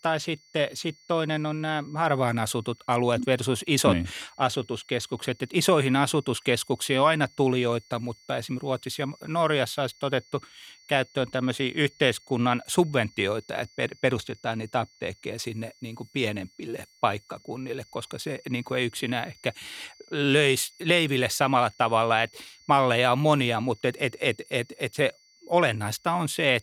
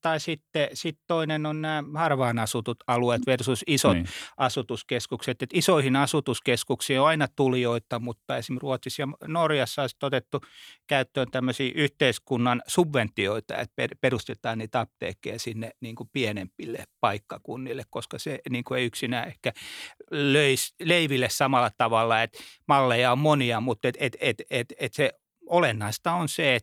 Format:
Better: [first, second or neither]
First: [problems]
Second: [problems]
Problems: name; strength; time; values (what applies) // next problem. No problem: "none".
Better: second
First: high-pitched whine; faint; throughout; 4.5 kHz, 30 dB below the speech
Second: none